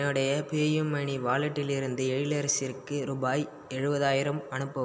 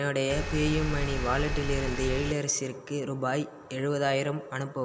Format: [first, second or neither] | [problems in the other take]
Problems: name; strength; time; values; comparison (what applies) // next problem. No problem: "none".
first | background sound (Engine); 2 dB below the speech